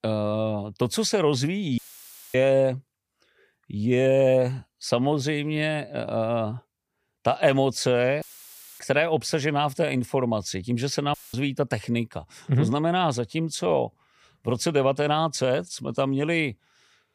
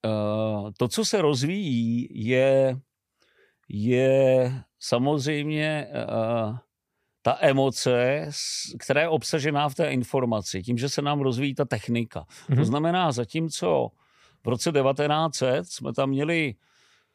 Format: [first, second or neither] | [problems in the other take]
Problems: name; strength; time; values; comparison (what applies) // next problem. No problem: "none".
second | audio cutting out; filled with static; at 2 s for 0.5 s, at 8 s for 0.5 s and at 11 s